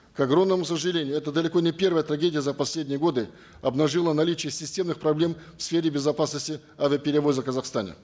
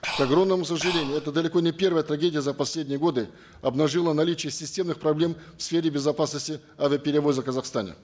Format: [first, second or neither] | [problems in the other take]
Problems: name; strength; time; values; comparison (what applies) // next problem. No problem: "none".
first | background sound (Breathing); 7 dB below the speech